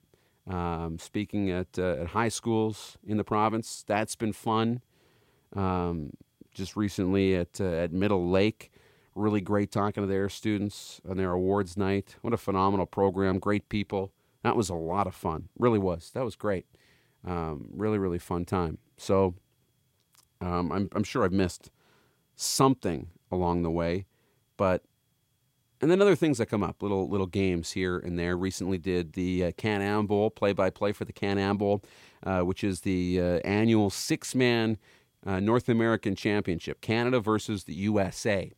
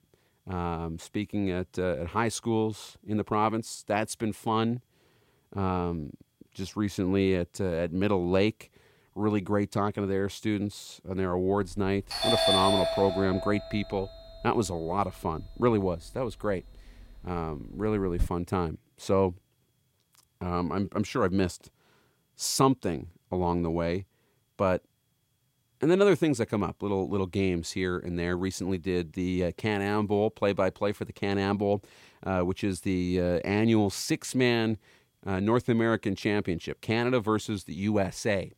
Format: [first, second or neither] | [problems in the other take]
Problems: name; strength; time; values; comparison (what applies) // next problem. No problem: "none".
first | doorbell; loud; from 12 to 18 s; peak 6 dB above the speech